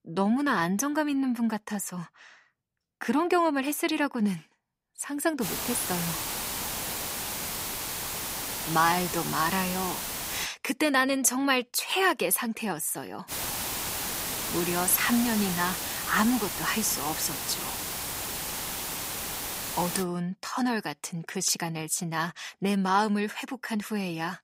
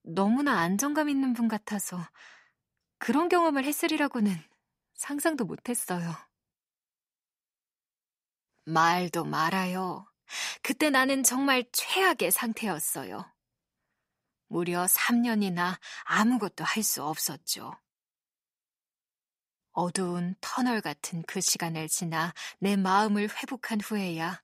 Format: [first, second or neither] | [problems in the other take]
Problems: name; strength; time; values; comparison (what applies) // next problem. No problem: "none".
second | hiss; loud; from 5.5 to 10 s and from 13 to 20 s; 3 dB below the speech